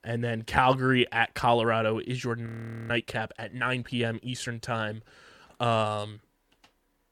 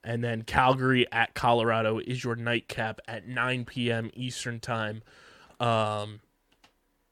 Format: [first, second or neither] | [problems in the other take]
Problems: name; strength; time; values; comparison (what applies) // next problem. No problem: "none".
second | audio freezing; at 2.5 s